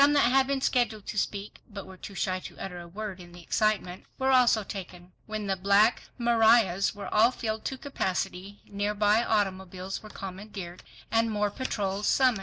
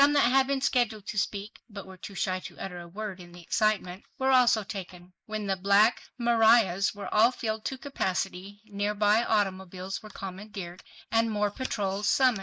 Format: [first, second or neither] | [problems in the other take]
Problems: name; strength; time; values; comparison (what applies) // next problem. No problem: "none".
first | noise reduction (neural mask model Resemble Enhance denoiser)